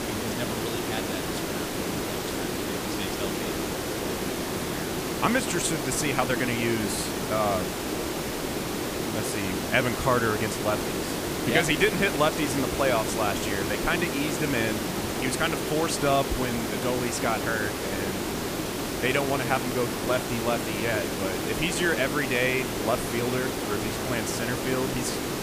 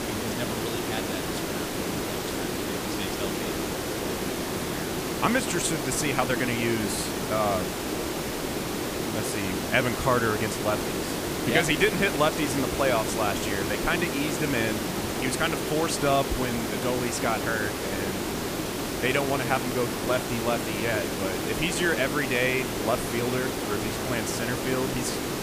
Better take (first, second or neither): neither